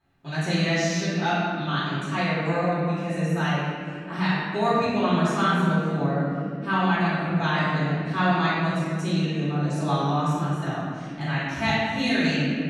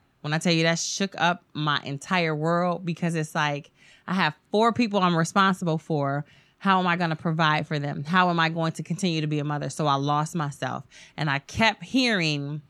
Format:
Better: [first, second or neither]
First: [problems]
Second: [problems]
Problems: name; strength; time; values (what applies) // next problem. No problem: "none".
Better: second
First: off-mic speech; far // room echo; strong; dies away in 2.6 s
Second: none